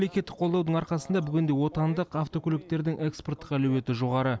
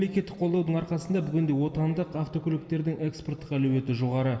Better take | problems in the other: first | room echo; dies away in 2.1 s

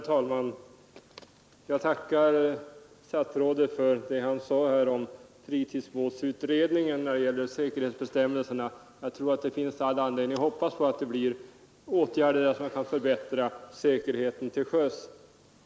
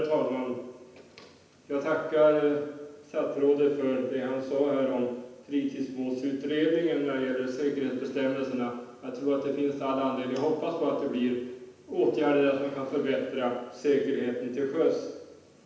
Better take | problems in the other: first | room echo; dies away in 0.9 s

